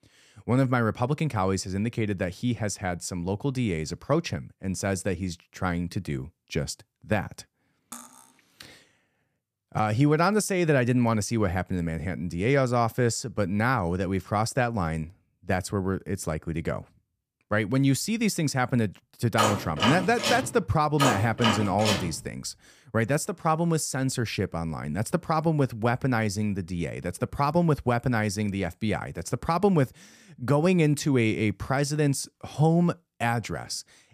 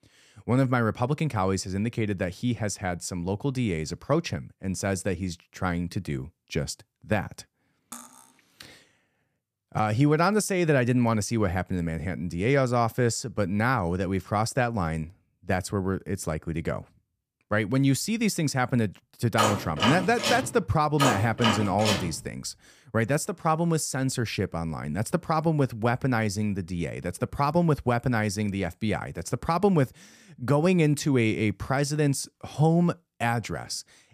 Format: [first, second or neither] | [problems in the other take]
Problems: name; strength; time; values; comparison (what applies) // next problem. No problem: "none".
neither | clattering dishes; faint; at 8 s; peak 15 dB below the speech; the same in both // door banging; loud; from 19 to 22 s; peak level with the speech; the same in both